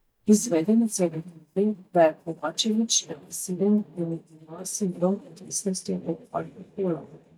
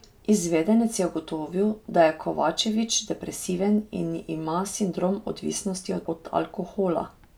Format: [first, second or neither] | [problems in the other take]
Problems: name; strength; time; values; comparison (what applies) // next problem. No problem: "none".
second | noise reduction (neural mask model DeepFilterNet 3)